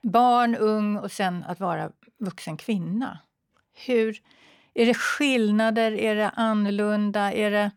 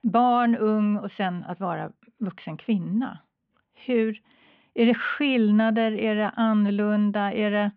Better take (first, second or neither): first